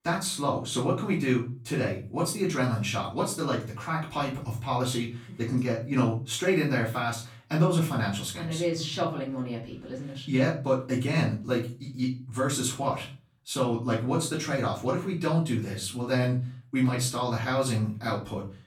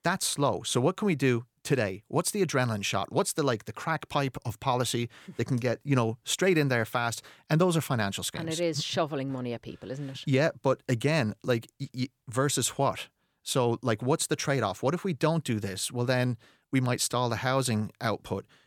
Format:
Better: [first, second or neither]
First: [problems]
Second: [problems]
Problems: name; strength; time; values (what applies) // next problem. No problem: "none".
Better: second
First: off-mic speech; far // room echo; slight; dies away in 0.3 s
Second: none